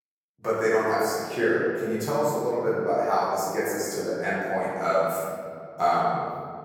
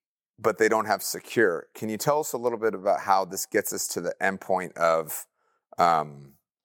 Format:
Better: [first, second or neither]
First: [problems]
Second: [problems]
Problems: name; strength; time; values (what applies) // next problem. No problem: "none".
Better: second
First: room echo; strong; dies away in 2.6 s // off-mic speech; far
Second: none